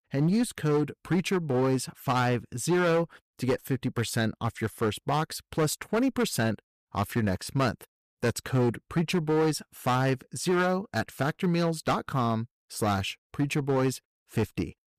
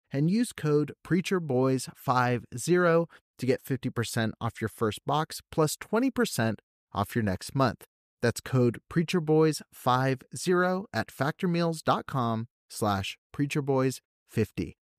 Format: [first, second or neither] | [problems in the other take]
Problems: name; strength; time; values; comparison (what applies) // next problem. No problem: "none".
second | distortion; slight; 9% of the sound clipped